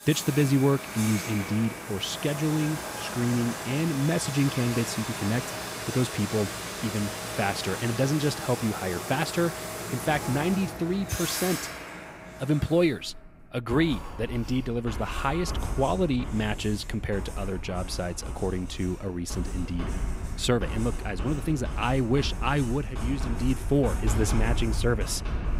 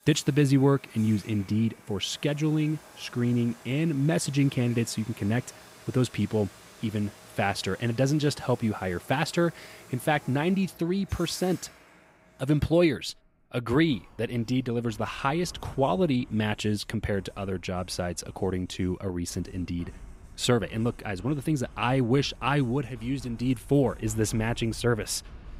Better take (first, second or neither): second